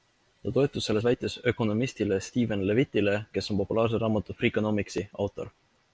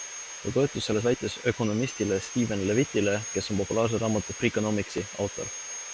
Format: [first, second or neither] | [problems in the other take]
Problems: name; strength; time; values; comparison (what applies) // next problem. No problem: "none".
first | background sound (Sawing); 12 dB below the speech